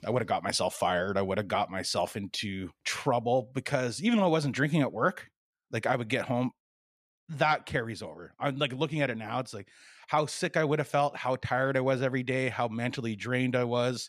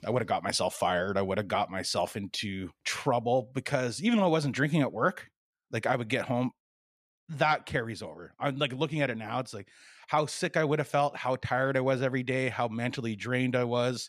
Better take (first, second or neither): neither